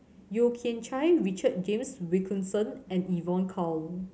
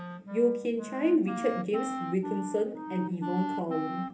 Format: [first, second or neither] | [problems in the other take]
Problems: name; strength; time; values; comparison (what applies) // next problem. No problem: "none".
first | background sound (Wind instrument, woodwind instrument); 7 dB below the speech // room echo; dies away in 0.3 s